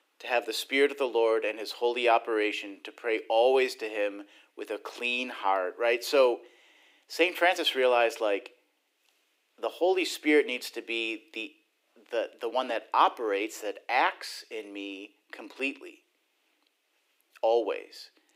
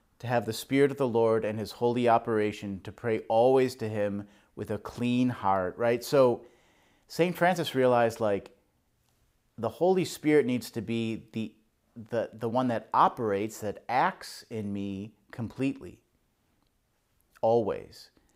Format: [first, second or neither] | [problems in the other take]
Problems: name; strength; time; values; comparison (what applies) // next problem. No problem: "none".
second | thin; somewhat; fading below 300 Hz